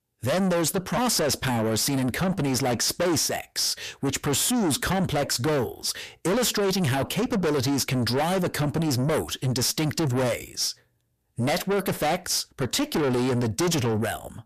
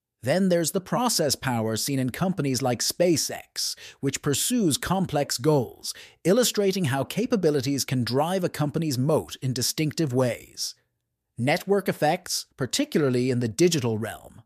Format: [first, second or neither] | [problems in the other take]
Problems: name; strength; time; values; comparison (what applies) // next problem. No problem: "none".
second | distortion; heavy; 6 dB below the speech